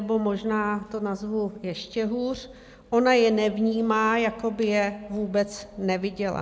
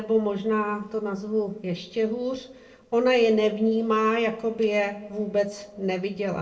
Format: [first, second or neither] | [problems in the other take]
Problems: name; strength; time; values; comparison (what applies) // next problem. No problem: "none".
first | noise reduction (neural separator model SepFormer DNS4)